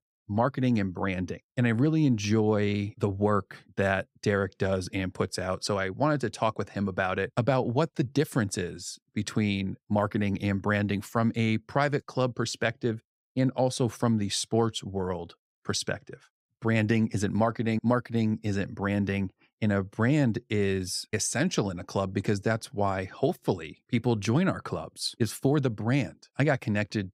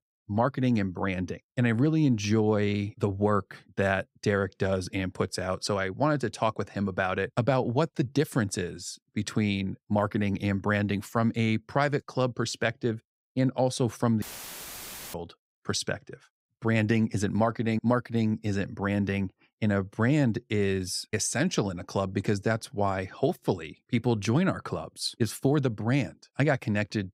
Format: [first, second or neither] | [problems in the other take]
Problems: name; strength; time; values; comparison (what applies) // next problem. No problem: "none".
first | audio cutting out; filled with static; at 14 s for 1 s